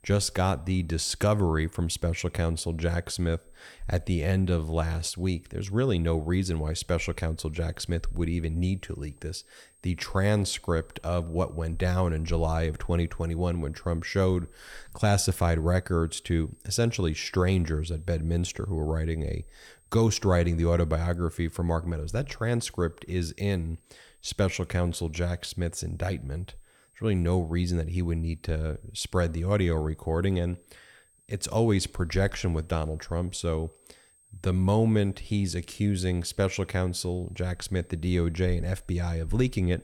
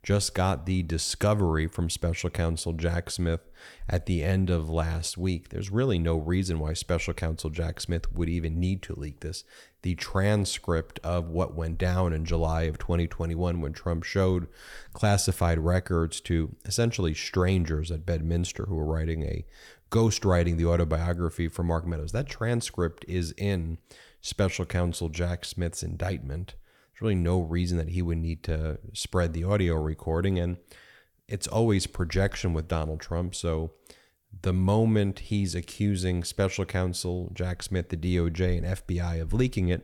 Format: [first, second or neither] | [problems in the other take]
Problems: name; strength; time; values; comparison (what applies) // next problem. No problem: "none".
second | high-pitched whine; faint; throughout; 8.5 kHz, 30 dB below the speech